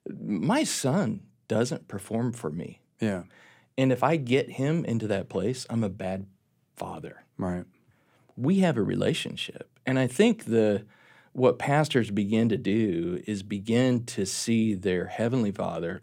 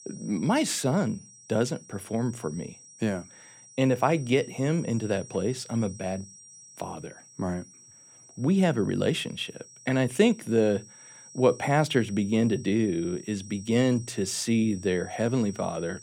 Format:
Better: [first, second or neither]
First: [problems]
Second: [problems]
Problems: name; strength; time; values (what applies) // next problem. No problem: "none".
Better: first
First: none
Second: high-pitched whine; noticeable; throughout; 5.5 kHz, 20 dB below the speech